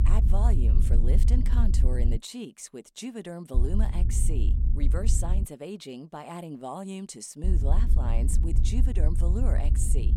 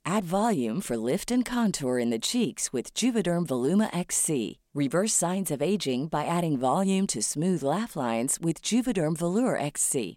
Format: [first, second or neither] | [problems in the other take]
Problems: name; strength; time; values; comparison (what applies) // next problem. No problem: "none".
second | low rumble; loud; until 2 s, from 3.5 to 5.5 s and from 7.5 s on; 6 dB below the speech